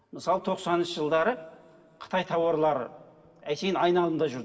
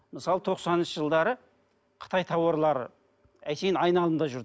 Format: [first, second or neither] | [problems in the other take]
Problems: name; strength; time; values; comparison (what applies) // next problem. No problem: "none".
second | room echo; dies away in 1.5 s